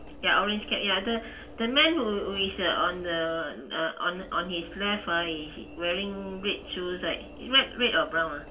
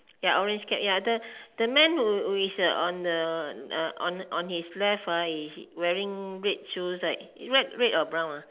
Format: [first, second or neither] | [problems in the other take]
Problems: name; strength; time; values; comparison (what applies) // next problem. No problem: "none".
second | background sound (Alarm / Engine / Train); 17 dB below the speech // room echo; dies away in 0.2 s